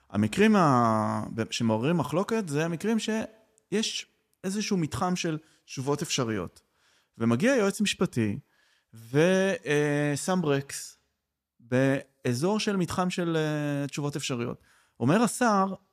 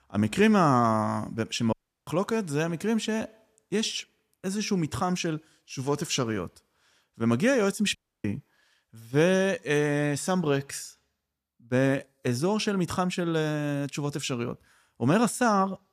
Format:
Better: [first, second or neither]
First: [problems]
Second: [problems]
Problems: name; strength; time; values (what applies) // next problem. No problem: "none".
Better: first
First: none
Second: audio cutting out; at 1.5 s and at 8 s